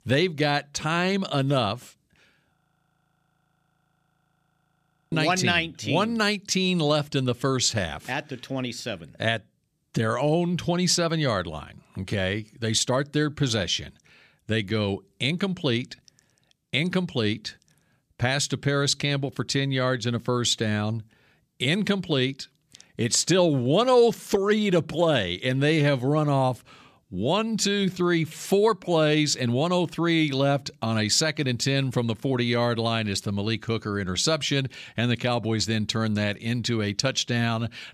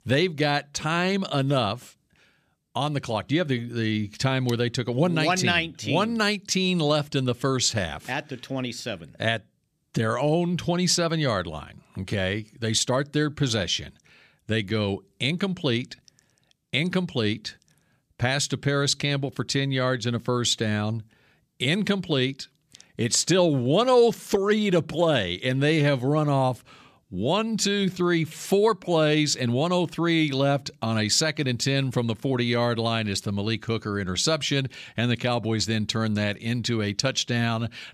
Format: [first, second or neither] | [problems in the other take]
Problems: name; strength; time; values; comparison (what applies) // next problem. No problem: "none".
second | audio freezing; at 2.5 s for 2.5 s